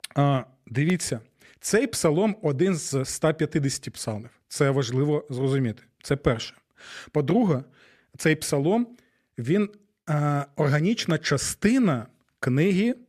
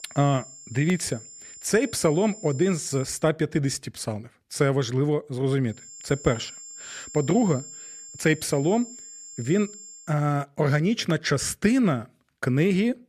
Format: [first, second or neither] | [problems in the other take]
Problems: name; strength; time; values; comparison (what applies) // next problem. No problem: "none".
first | high-pitched whine; noticeable; until 3 s and from 6 to 10 s; 7.5 kHz, 15 dB below the speech